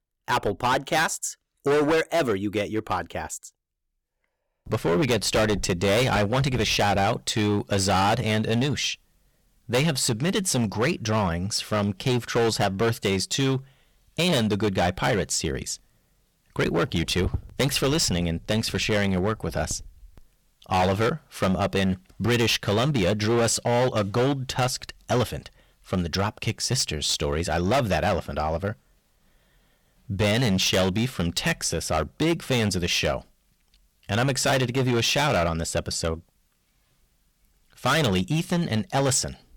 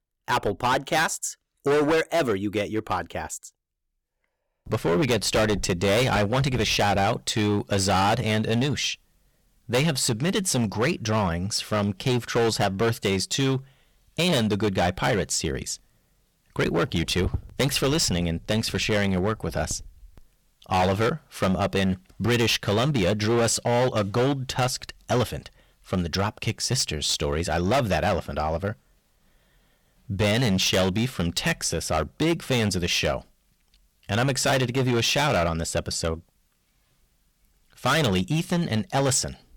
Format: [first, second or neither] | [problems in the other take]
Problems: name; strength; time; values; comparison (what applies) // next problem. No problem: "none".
neither | distortion; heavy; 12% of the sound clipped; the same in both